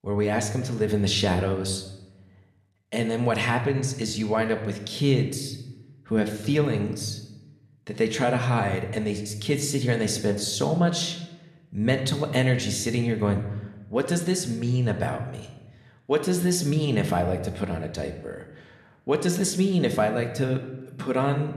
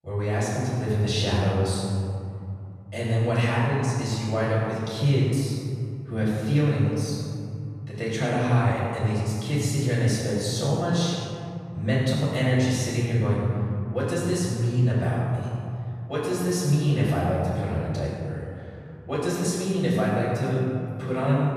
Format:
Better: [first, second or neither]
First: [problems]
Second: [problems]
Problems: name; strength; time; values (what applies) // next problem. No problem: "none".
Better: first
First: room echo; slight; dies away in 0.8 s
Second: room echo; strong; dies away in 2.8 s // off-mic speech; far